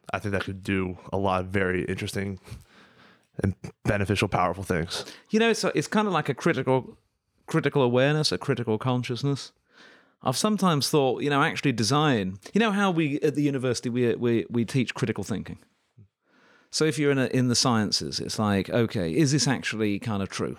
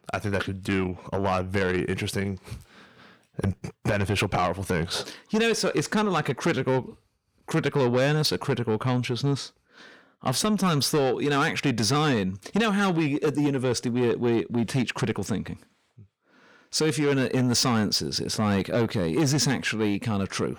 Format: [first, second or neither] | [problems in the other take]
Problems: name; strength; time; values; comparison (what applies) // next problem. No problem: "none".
first | distortion; slight; 10 dB below the speech